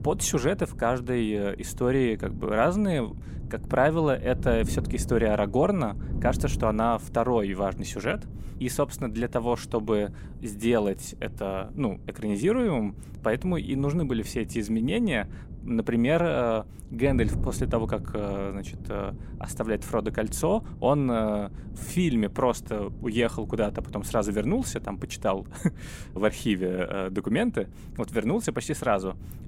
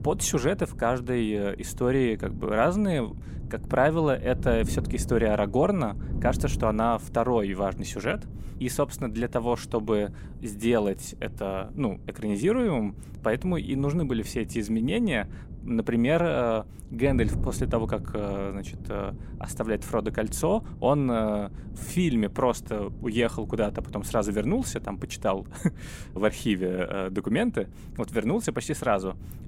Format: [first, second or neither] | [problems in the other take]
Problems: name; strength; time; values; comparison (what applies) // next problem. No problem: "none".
neither | wind noise on the microphone; occasional gusts; 20 dB below the speech; the same in both